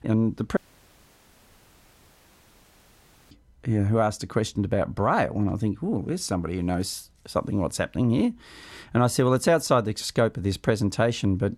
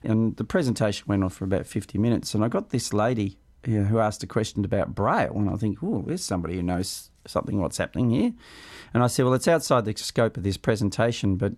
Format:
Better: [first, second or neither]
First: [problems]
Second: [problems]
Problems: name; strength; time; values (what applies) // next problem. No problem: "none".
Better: second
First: audio cutting out; at 0.5 s for 2.5 s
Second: none